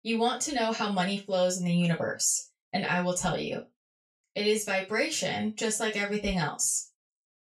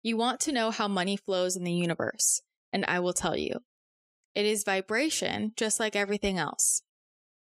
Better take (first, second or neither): second